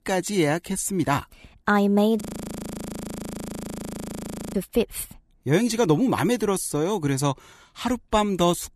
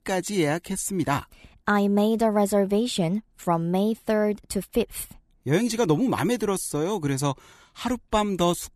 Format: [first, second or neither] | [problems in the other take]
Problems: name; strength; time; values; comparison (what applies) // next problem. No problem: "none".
second | audio freezing; at 2 s for 2.5 s